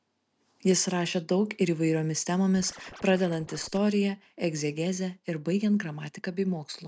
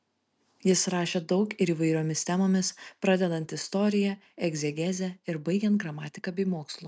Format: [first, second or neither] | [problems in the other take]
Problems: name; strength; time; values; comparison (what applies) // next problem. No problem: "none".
second | background sound (Scratching (performance technique)); 19 dB below the speech